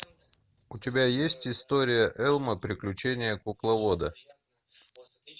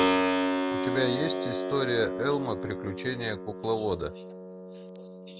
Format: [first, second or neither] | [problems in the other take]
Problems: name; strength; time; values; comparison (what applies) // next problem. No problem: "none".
first | background sound (Keyboard (musical)); 1 dB above the speech